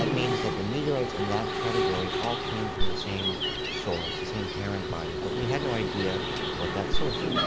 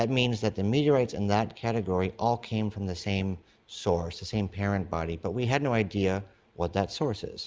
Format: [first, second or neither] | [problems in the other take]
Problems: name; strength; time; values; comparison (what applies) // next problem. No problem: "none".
second | background sound (Gull, seagull + Mechanisms); 4 dB above the speech